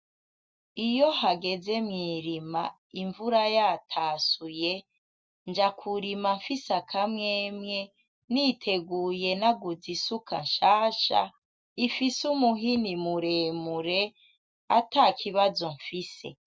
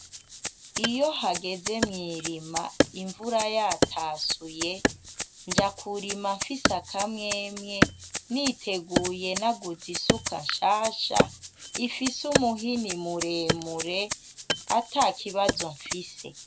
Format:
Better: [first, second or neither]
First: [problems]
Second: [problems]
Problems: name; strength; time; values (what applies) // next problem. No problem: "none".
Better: first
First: none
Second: background sound (Rattle (instrument) + Wood); 1 dB below the speech